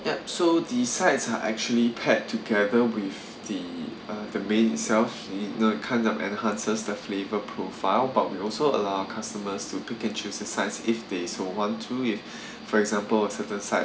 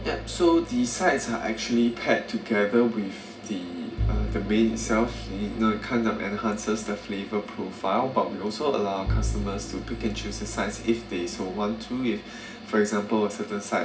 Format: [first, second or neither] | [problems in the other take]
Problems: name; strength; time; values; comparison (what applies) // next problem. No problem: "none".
first | background sound (Bowed string instrument); 10 dB below the speech // room echo; dies away in 0.4 s